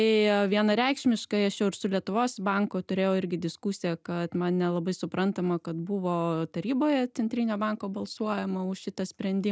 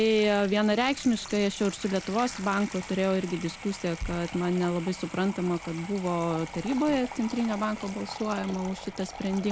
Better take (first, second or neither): first